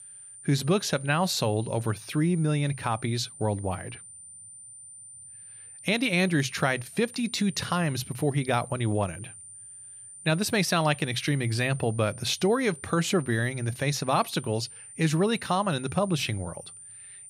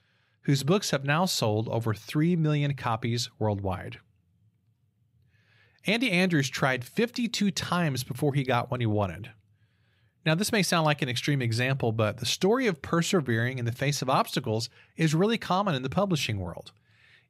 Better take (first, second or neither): second